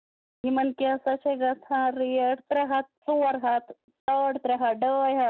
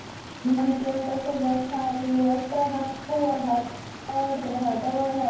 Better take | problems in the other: first | background sound (Stream); 13 dB below the speech // room echo; dies away in 0.9 s

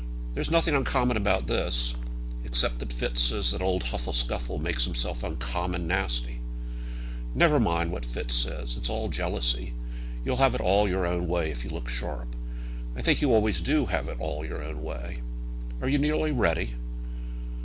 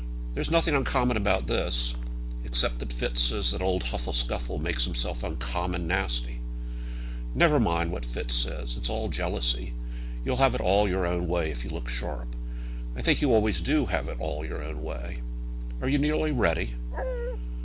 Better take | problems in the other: first | background sound (Dog); 6 dB below the speech

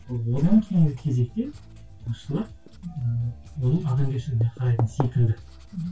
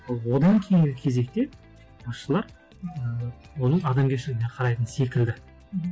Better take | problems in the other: second | background sound (Writing); 19 dB below the speech // room echo; dies away in 0.1 s

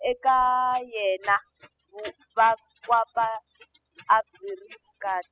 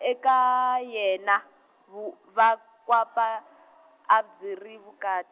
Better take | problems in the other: second | noise reduction (classical method spectral subtraction)

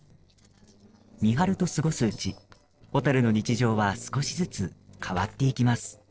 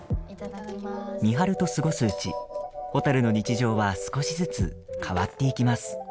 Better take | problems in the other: second | noise reduction (neural separator model SepFormer DNS4)

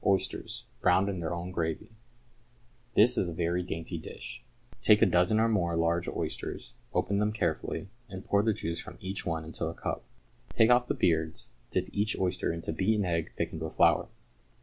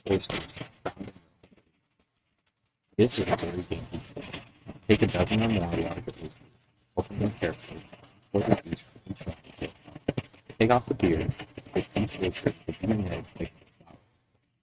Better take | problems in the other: first | noise reduction (neural mask model RNNoise)

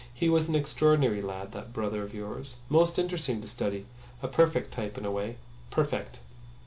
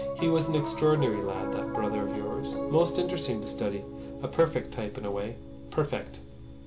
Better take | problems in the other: first | background sound (Piano); 5 dB below the speech

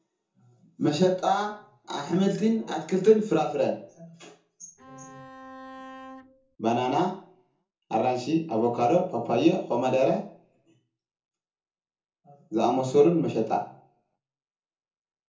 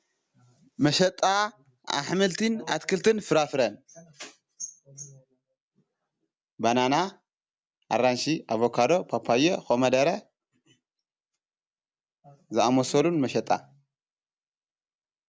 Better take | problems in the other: second | background sound (Bowed string instrument); 18 dB below the speech // room echo; dies away in 0.6 s

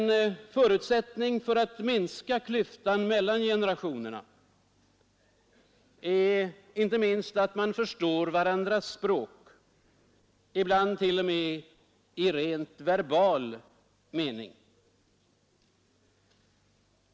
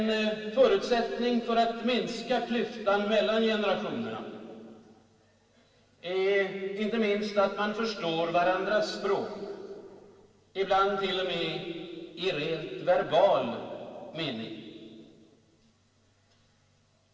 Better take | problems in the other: first | room echo; dies away in 2.4 s

